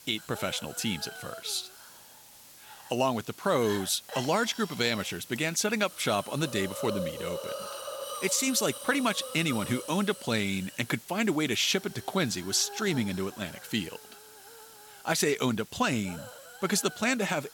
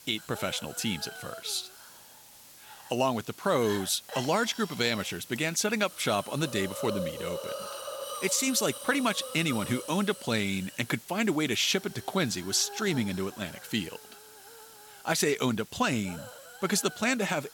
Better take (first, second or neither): neither